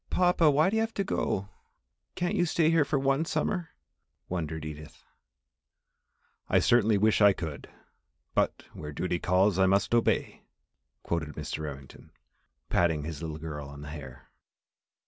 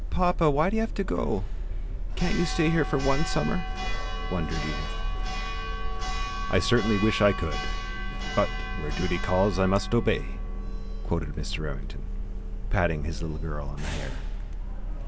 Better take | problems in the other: first | background sound (Church bell); as loud as the speech

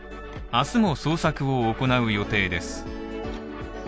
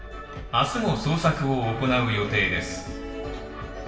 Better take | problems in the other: first | room echo; dies away in 1 s

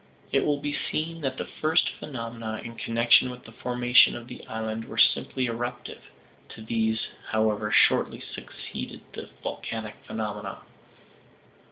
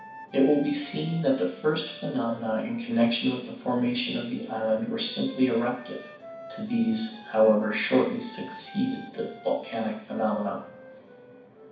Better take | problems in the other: first | background sound (Wind instrument, woodwind instrument); 19 dB below the speech // room echo; dies away in 0.6 s

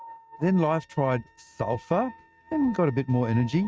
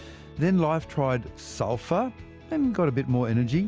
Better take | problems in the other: second | noise reduction (neural mask model RNNoise)

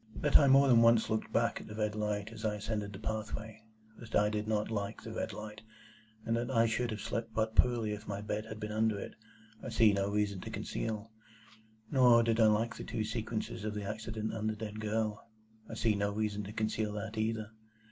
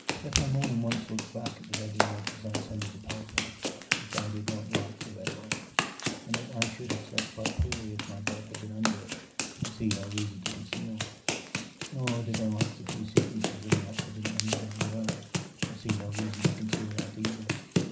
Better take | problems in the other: first | background sound (Run); 2 dB above the speech // room echo; dies away in 0.4 s

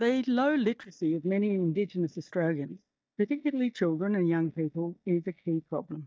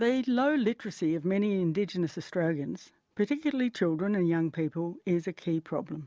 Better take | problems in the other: second | noise reduction (neural mask model DeepFilterNet 3)

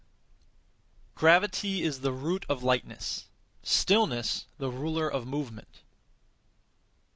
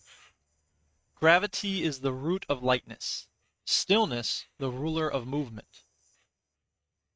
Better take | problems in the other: first | noise reduction (neural mask model RNNoise)

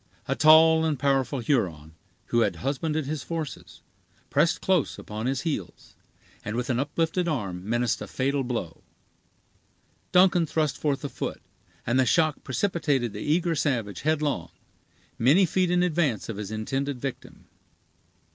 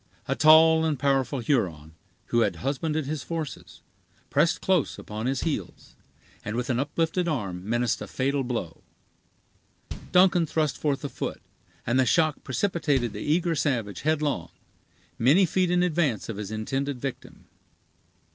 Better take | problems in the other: first | background sound (Bass drum); 18 dB below the speech

